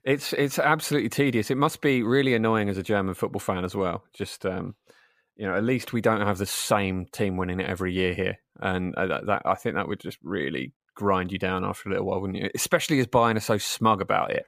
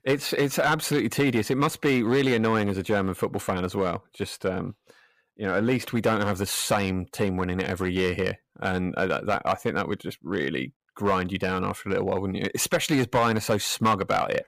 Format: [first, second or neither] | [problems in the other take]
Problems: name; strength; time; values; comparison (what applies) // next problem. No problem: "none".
first | distortion; slight; 4% of the sound clipped